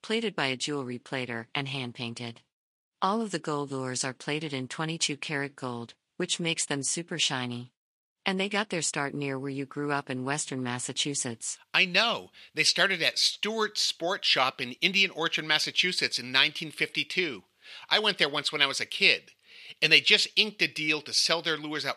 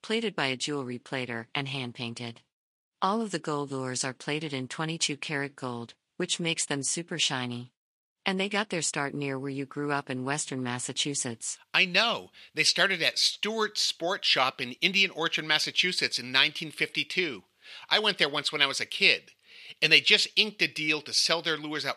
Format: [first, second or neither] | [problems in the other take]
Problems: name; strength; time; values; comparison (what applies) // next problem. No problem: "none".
neither | thin; somewhat; fading below 900 Hz; the same in both